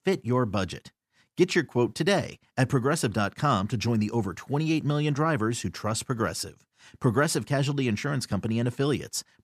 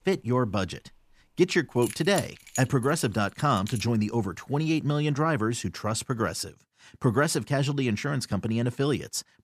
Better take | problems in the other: first | jangling keys; noticeable; from 2 to 4 s; peak 9 dB below the speech

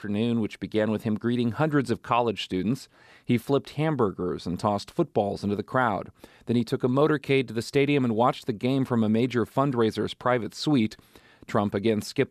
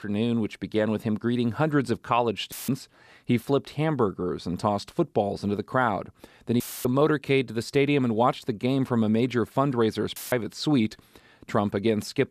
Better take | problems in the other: first | audio cutting out; filled with static; at 2.5 s, at 6.5 s and at 10 s

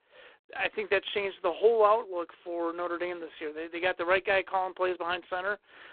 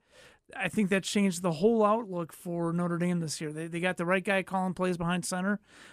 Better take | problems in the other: second | phone-call audio; poor line

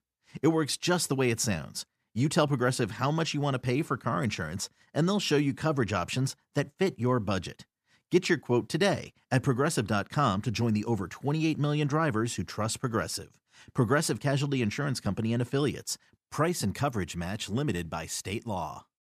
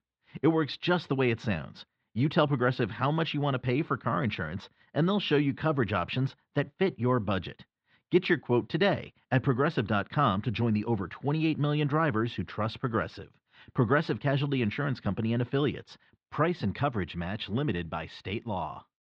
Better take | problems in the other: first | muffled; slightly; fading above 4 kHz

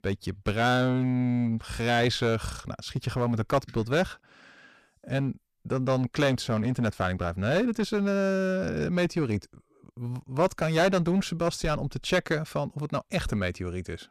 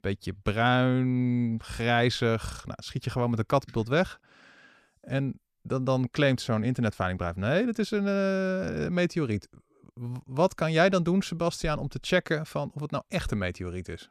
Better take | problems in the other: second | distortion; slight; 5% of the sound clipped

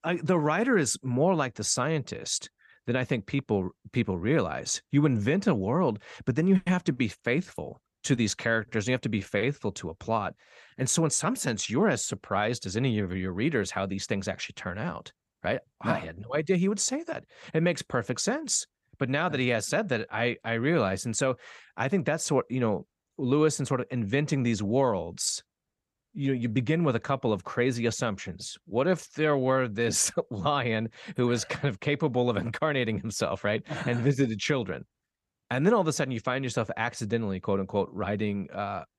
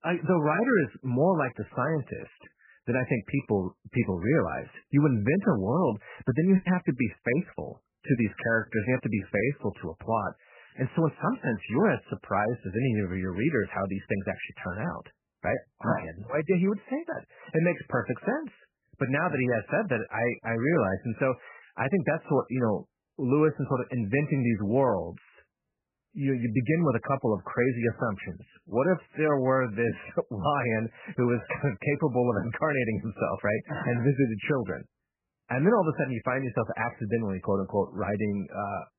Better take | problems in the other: first | garbled, watery; badly; nothing above 2.5 kHz

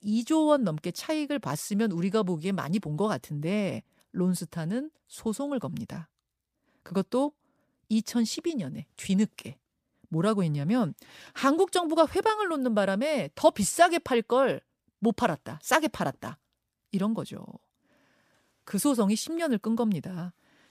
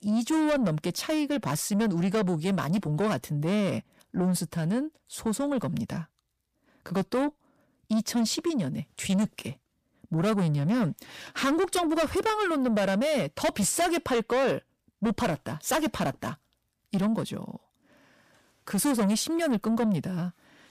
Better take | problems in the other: first | distortion; heavy; 7 dB below the speech

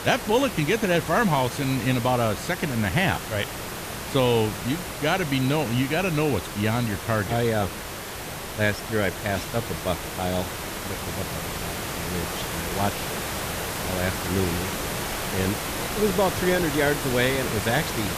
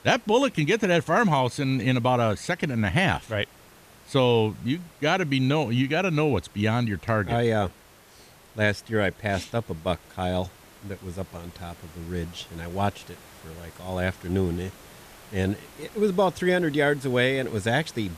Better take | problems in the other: second | hiss; loud; throughout; 5 dB below the speech; faint in the second

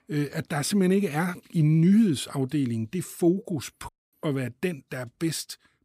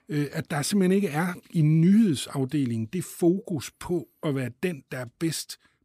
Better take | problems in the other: second | audio cutting out; at 4 s

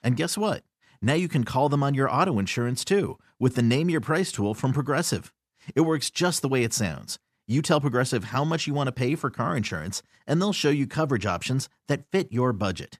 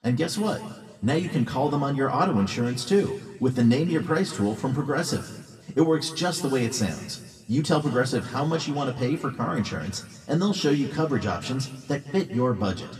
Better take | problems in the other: first | room echo; slight; dies away in 1.5 s // off-mic speech; somewhat distant

